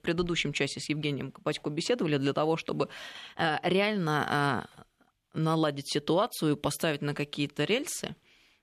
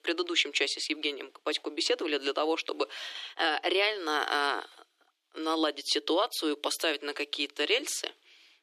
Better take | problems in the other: first | thin; somewhat; fading below 300 Hz

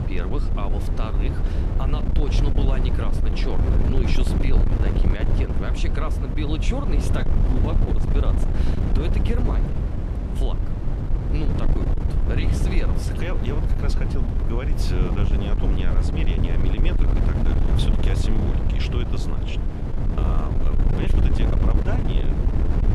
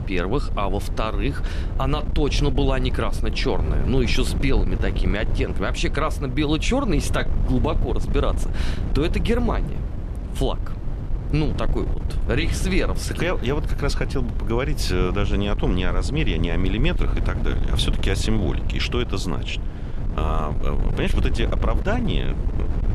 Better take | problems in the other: second | wind noise on the microphone; heavy; as loud as the speech; occasional gusts in the second

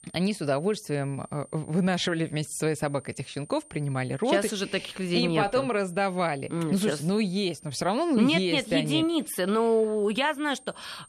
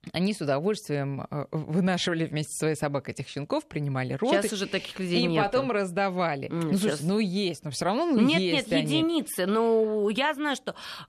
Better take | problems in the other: second | high-pitched whine; faint; throughout; 9 kHz, 25 dB below the speech

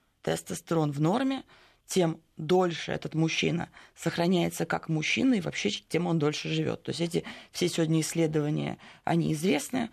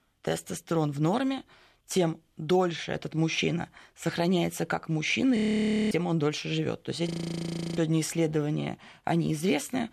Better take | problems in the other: first | audio freezing; at 5.5 s for 0.5 s and at 7 s for 0.5 s

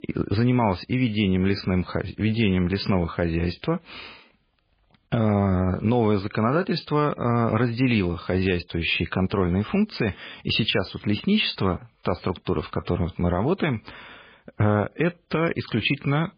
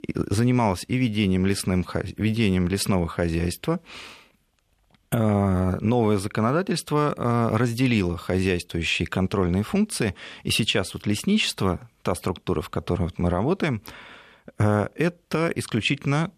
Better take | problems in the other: second | garbled, watery; badly

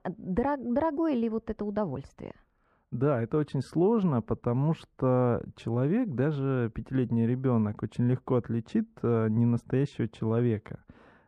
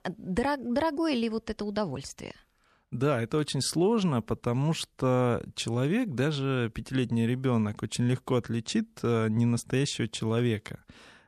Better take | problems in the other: second | muffled; very; fading above 2.5 kHz

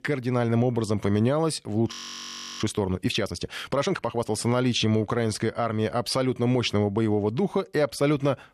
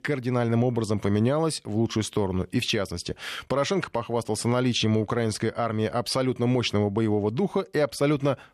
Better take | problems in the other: second | audio freezing; at 2 s for 0.5 s

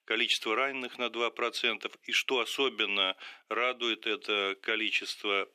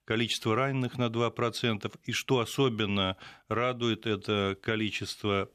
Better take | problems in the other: second | thin; somewhat; fading below 300 Hz

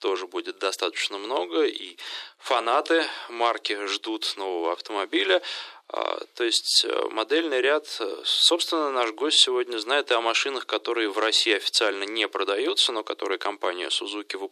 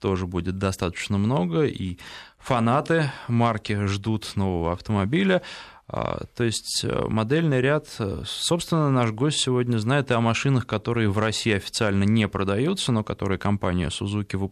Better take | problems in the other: second | thin; very; fading below 300 Hz

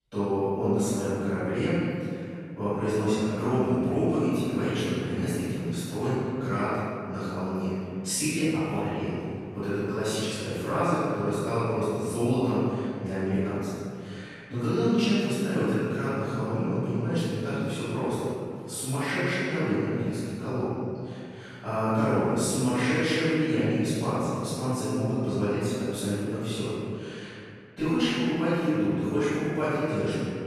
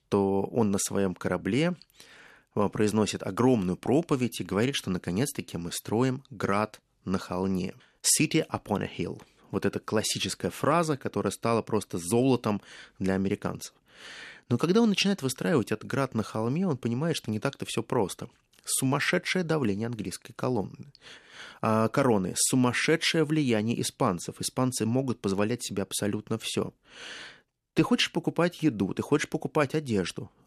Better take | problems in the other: second | off-mic speech; far // room echo; strong; dies away in 2.4 s

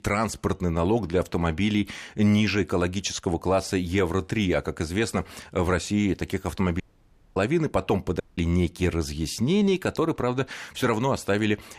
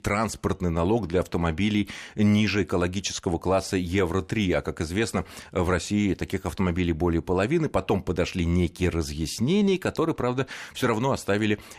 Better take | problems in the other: second | audio cutting out; at 7 s for 0.5 s and at 8 s

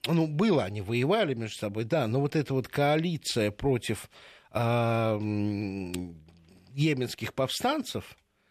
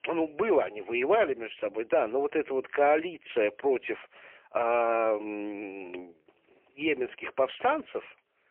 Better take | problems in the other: first | phone-call audio; poor line

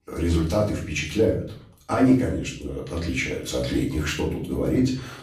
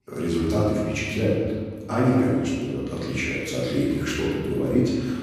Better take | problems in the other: first | room echo; strong; dies away in 1.6 s; slight in the first // off-mic speech; far; far in the first

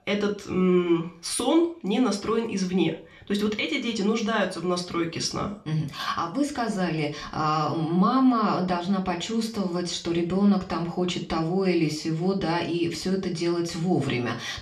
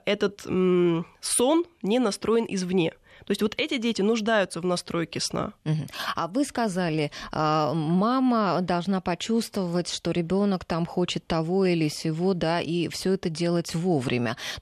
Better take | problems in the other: second | room echo; very slight; dies away in 0.4 s // off-mic speech; somewhat distant

